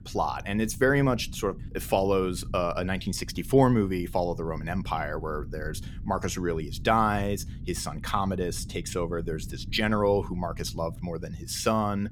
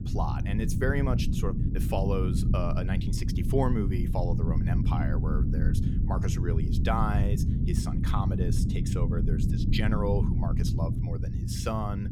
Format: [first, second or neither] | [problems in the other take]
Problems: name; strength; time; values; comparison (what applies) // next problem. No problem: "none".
first | low rumble; loud; throughout; 5 dB below the speech; faint in the first